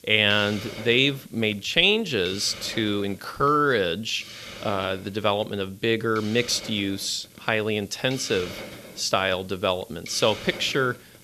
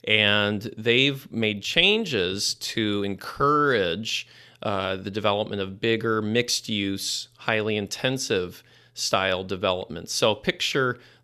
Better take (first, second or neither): second